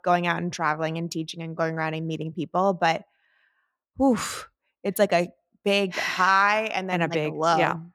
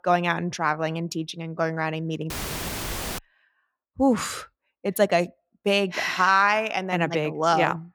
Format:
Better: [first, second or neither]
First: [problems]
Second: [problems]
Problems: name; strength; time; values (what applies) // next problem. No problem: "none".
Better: first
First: none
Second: audio cutting out; filled with static; at 2.5 s for 1 s